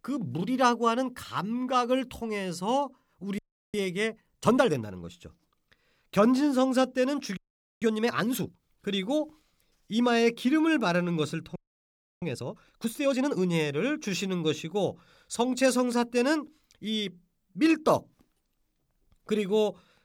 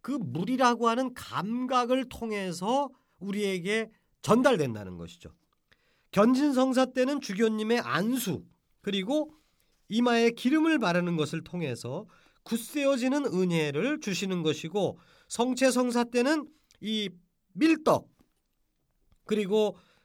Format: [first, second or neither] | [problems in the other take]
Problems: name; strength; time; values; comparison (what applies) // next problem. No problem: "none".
second | audio freezing; at 3.5 s, at 7.5 s and at 12 s for 0.5 s